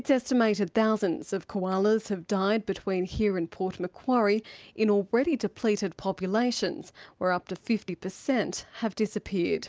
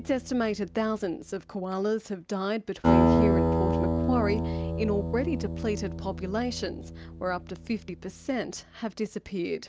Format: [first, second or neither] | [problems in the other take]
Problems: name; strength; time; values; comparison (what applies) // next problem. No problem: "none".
first | background sound (Acoustic guitar); 1 dB above the speech